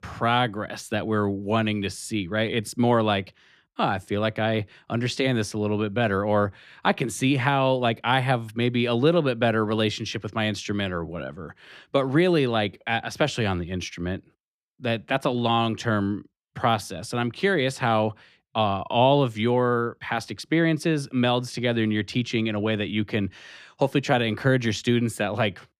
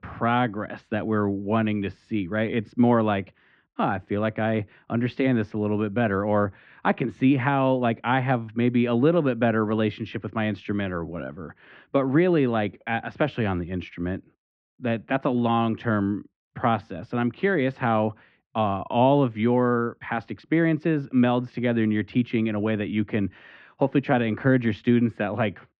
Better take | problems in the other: first | muffled; very; fading above 2.5 kHz

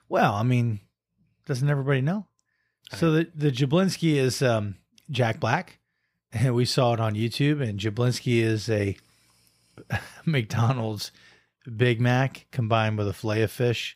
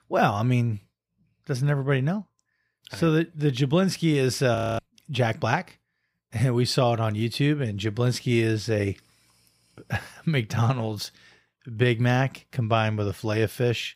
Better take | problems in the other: first | audio freezing; at 4.5 s

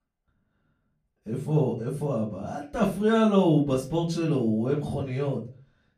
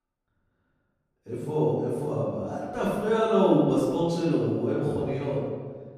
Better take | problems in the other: first | room echo; strong; dies away in 1.4 s; slight in the first // off-mic speech; far; far in the first

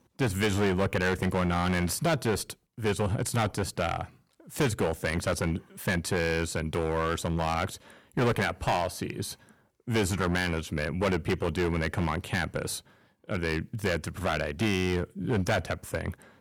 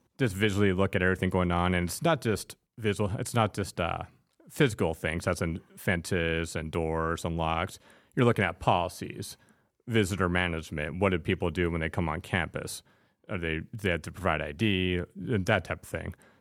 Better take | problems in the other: second | distortion; heavy; 9% of the sound clipped

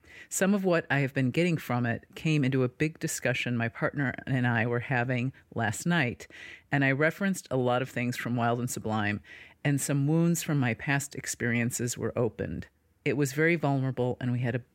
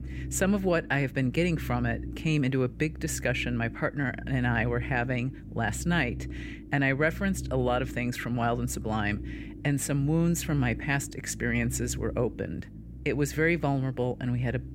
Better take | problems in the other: first | low rumble; noticeable; throughout; 20 dB below the speech

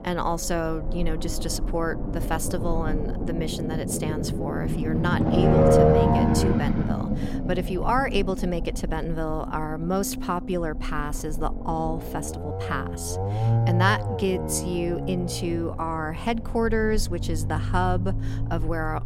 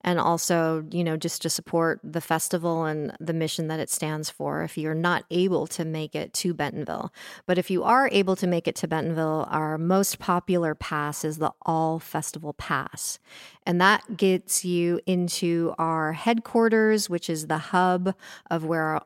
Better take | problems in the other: second | low rumble; loud; throughout; 1 dB below the speech

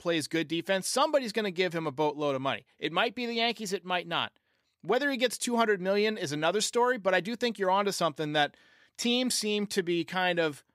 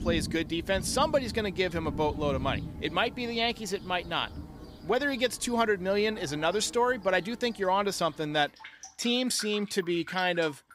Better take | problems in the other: first | rain or running water; noticeable; throughout; 15 dB below the speech

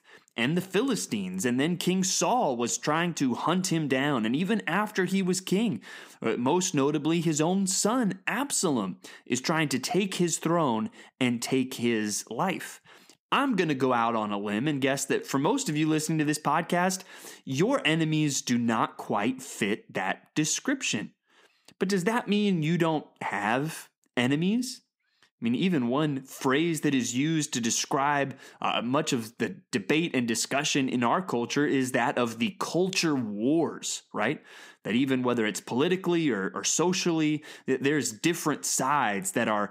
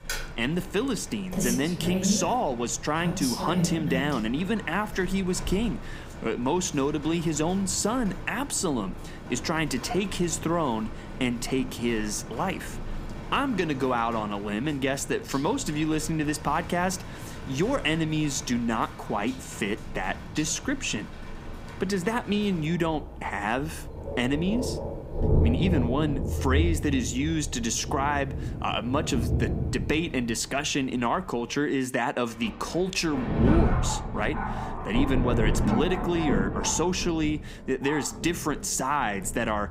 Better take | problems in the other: first | rain or running water; loud; throughout; 5 dB below the speech

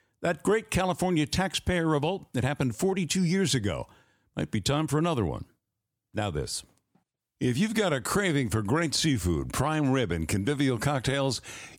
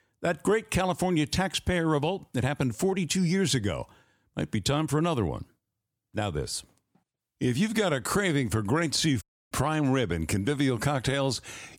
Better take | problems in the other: first | audio cutting out; at 9 s

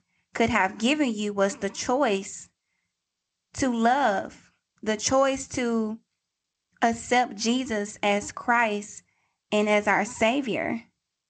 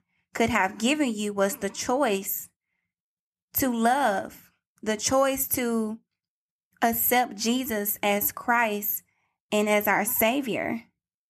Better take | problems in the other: second | garbled, watery; slightly; nothing above 8 kHz

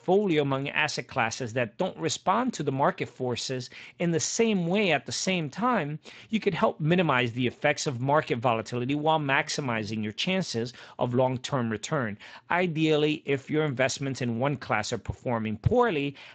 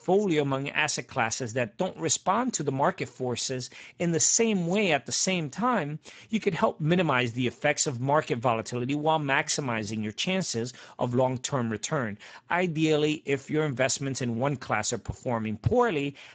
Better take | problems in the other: first | garbled, watery; badly; nothing above 7.5 kHz; slightly in the first

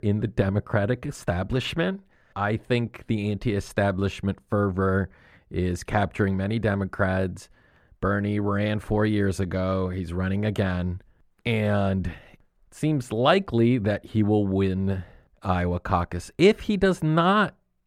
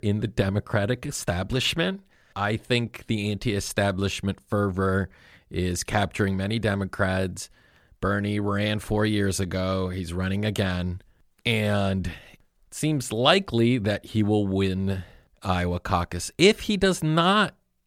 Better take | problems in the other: second | muffled; slightly; fading above 2.5 kHz

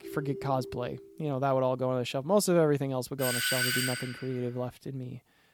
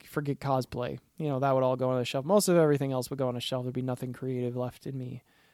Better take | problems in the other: second | phone ringing; noticeable; until 1.5 s; peak 10 dB below the speech // doorbell; loud; at 3 s; peak 4 dB above the speech

